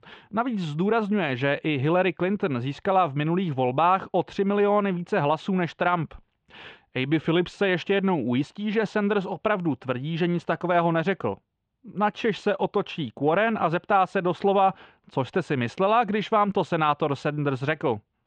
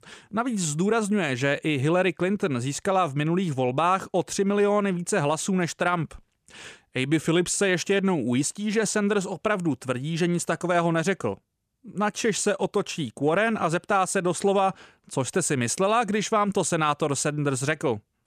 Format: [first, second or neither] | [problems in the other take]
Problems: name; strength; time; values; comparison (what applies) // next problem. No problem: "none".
second | muffled; very; fading above 3.5 kHz